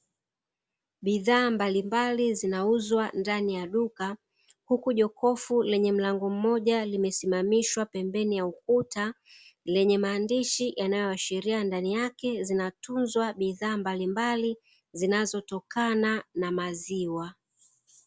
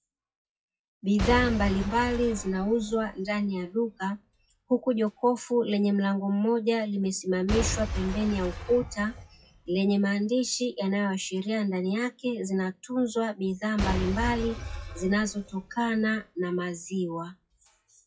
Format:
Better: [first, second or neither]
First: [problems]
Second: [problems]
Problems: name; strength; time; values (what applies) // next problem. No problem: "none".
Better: first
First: none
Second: noise reduction (classical method WPE with log-MMSE)